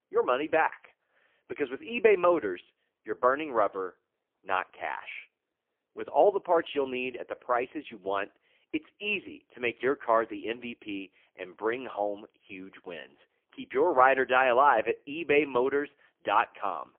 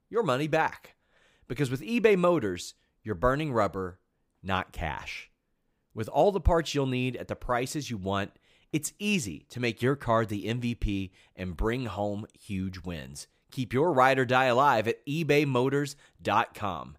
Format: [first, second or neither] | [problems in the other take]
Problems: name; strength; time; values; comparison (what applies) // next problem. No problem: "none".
second | phone-call audio; poor line; nothing above 3 kHz